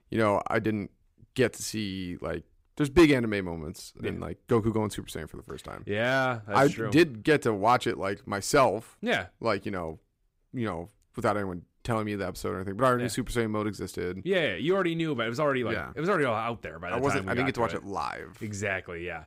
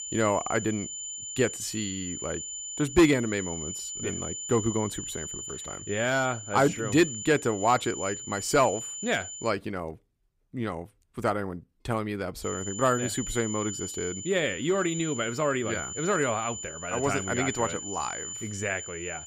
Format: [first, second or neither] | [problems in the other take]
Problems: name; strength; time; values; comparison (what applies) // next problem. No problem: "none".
first | high-pitched whine; loud; until 9.5 s and from 12 s on; 7 kHz, 7 dB below the speech